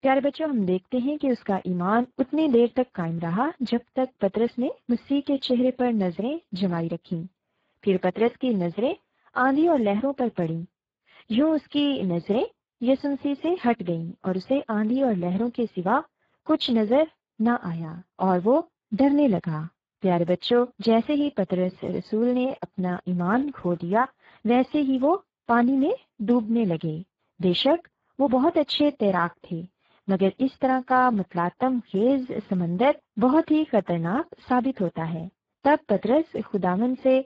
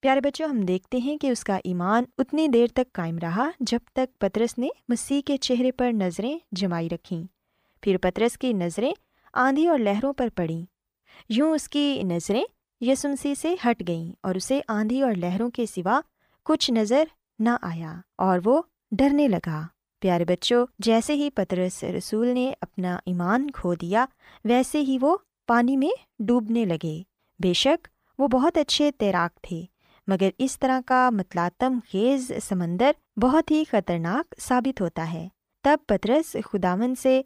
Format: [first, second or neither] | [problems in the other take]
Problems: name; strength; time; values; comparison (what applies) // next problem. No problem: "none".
second | garbled, watery; badly; nothing above 7.5 kHz